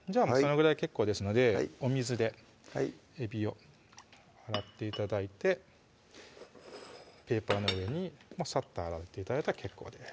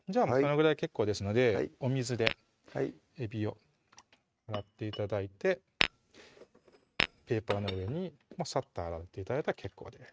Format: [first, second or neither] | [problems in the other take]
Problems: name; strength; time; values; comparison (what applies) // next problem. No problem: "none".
first | noise reduction (neural mask model RNNoise)